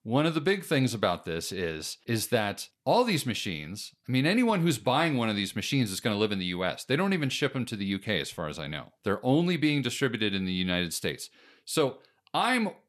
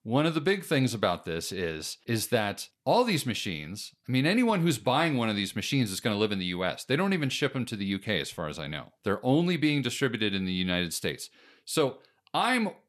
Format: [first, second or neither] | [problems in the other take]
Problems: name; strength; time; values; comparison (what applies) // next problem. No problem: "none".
neither | none